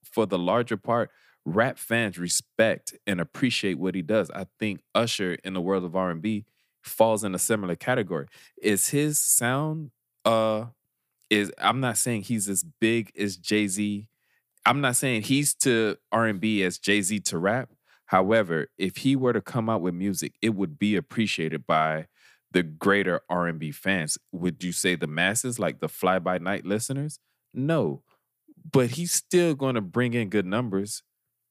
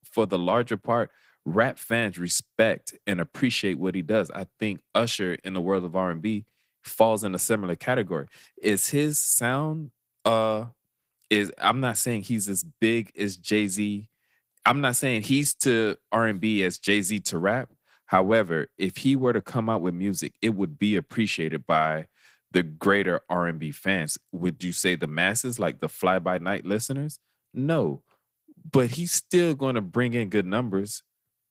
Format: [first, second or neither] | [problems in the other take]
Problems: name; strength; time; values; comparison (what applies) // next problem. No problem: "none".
first | garbled, watery; slightly; nothing above 15.5 kHz